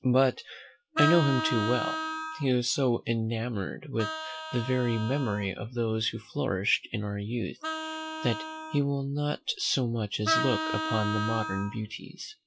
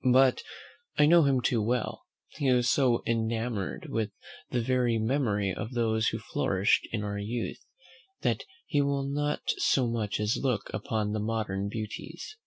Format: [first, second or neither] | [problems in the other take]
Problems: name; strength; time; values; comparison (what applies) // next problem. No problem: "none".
second | noise reduction (classical method log-MMSE)